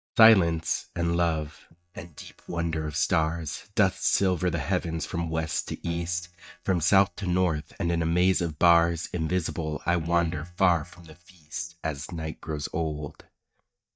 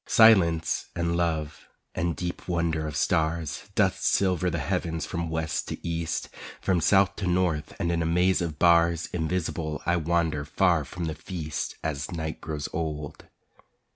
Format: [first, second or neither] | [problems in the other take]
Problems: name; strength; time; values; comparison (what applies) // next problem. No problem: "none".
second | noise reduction (neural mask model DeepFilterNet 3)